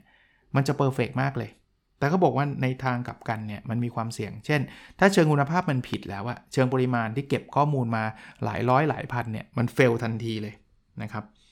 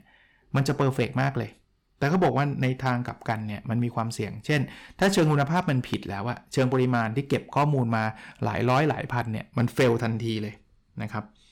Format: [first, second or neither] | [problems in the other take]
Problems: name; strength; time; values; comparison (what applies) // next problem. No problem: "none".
first | distortion; slight; 3% of the sound clipped